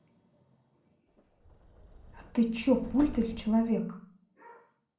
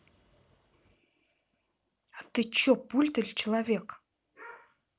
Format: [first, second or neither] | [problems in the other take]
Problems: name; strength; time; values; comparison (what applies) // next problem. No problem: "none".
second | background sound (Subway, metro, underground); 14 dB below the speech // room echo; dies away in 0.6 s